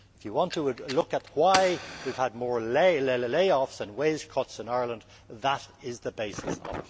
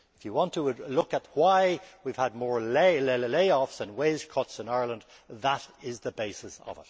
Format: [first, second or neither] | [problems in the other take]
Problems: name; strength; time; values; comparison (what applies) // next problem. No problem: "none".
second | background sound (Fire); 13 dB below the speech